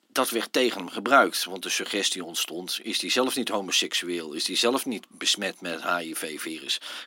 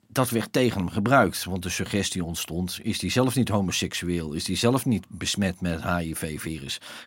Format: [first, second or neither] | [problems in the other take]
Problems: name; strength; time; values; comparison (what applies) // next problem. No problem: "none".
second | thin; somewhat; fading below 300 Hz